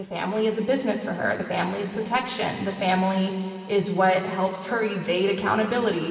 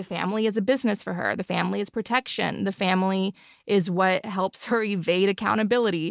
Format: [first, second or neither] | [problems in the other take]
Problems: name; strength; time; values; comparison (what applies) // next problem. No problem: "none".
second | room echo; dies away in 2.5 s